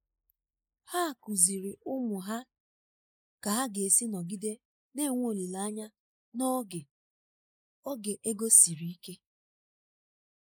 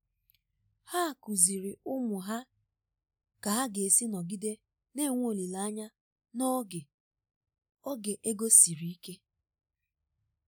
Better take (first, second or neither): second